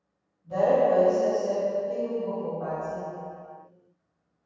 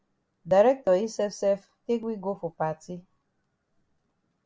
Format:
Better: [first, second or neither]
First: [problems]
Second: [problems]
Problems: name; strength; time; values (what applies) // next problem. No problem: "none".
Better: second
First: room echo; dies away in 2.2 s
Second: none